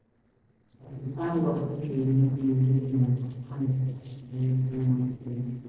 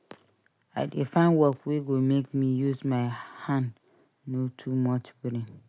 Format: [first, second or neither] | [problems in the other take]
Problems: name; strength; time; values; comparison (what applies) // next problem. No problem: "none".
second | noise reduction (neural separator model SepFormer DNS4)